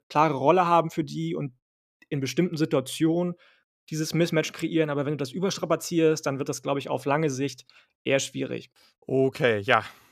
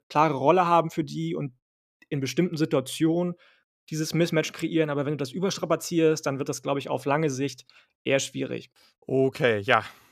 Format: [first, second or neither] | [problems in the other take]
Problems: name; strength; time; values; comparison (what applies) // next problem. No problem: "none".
neither | none